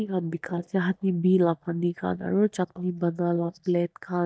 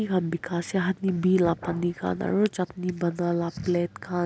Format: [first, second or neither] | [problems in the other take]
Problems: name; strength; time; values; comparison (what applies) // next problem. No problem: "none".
second | noise reduction (neural mask model DeepFilterNet 3)